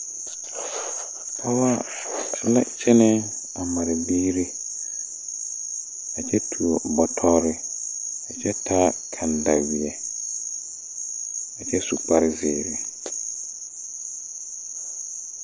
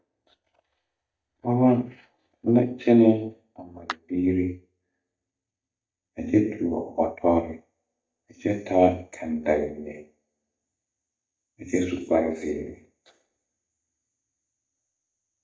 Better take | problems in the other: first | noise reduction (neural mask model DeepFilterNet 3)

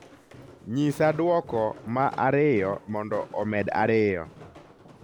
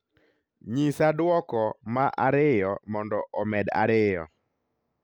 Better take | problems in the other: second | background sound (Walk, footsteps); 20 dB below the speech

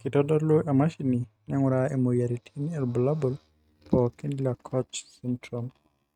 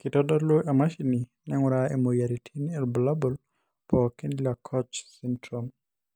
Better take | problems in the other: second | noise reduction (neural mask model RNNoise)

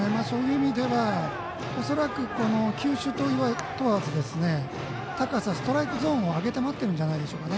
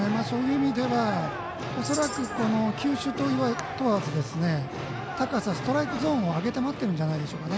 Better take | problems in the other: first | background sound (Tambourine); 14 dB below the speech

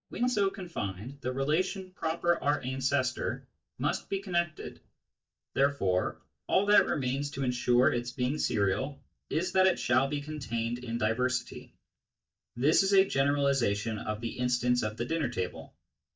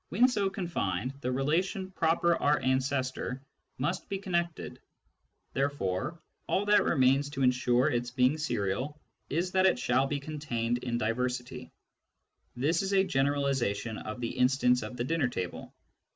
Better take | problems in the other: second | noise reduction (neural mask model DeepFilterNet 3)

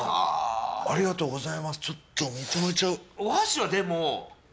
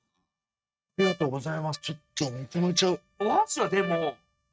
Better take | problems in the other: first | noise reduction (neural mask model RNNoise)

